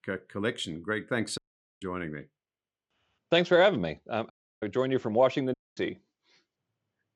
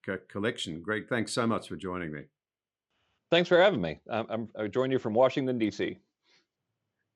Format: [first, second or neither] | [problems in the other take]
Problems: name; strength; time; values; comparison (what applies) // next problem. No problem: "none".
second | audio cutting out; at 1.5 s, at 4.5 s and at 5.5 s